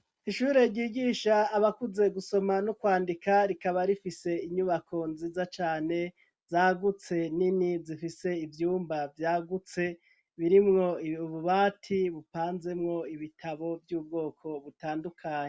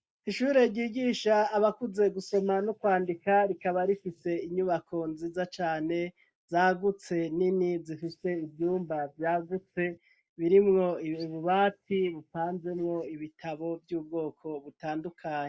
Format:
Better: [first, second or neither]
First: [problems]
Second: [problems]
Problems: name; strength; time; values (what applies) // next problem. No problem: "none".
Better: first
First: none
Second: noise reduction (neural mask model Resemble Enhance denoiser)